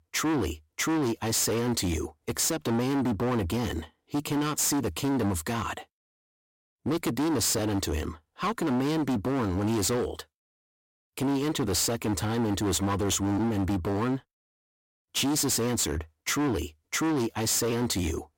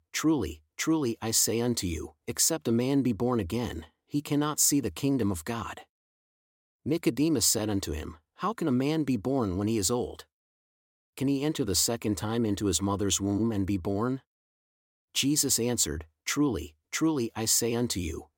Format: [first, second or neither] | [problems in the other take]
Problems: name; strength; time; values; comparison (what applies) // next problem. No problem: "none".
second | distortion; heavy; 26% of the sound clipped